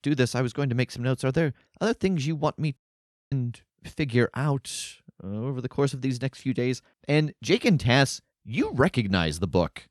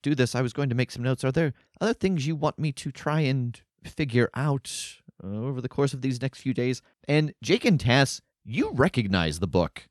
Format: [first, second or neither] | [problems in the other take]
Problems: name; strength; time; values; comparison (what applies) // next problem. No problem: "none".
second | audio cutting out; at 3 s for 0.5 s